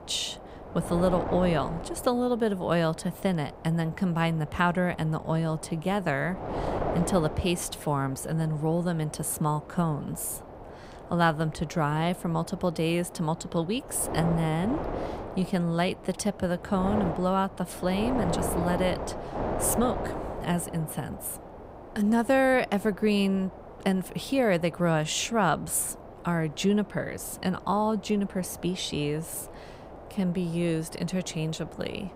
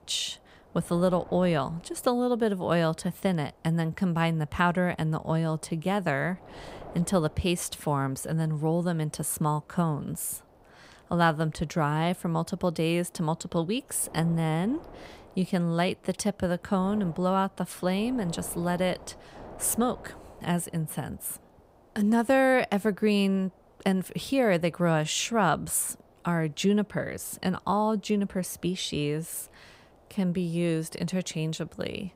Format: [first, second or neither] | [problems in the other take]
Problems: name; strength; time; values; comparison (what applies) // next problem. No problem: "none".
second | wind noise on the microphone; heavy; 9 dB below the speech; occasional gusts in the second